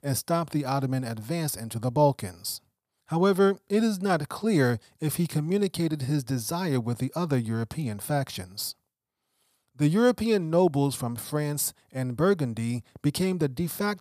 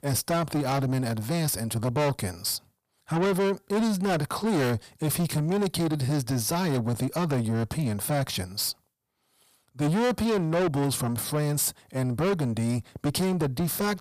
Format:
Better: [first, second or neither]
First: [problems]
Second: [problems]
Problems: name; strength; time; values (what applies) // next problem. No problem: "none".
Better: first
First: none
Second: distortion; heavy; 6 dB below the speech